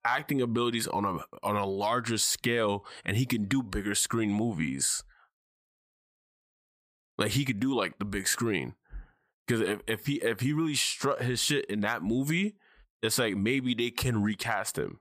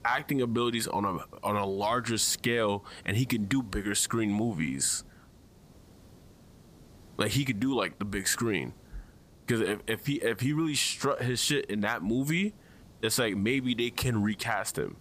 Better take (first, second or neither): first